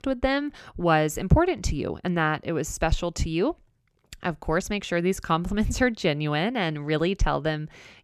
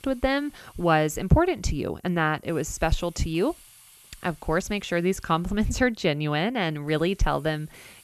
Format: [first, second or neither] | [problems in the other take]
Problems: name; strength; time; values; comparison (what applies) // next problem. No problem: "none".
first | hiss; faint; throughout; 25 dB below the speech